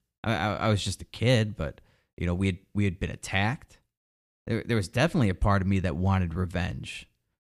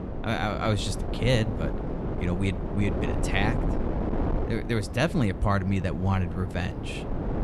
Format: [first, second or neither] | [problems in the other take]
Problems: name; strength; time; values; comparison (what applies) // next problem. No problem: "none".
first | wind noise on the microphone; heavy; 6 dB below the speech